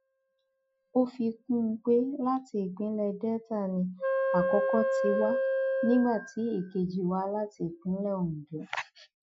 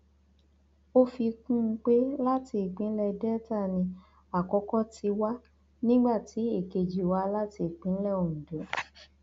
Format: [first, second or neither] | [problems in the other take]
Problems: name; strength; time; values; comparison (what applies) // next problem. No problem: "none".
second | noise reduction (classical method Wiener filter)